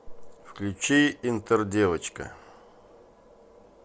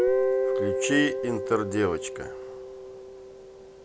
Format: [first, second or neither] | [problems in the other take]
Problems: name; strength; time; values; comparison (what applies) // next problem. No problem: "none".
first | background sound (Guitar); 1 dB above the speech